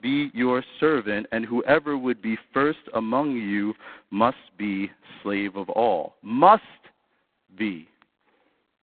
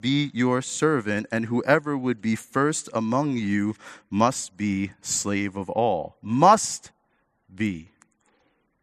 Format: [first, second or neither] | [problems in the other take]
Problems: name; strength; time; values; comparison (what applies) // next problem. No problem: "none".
second | phone-call audio; poor line; nothing above 4 kHz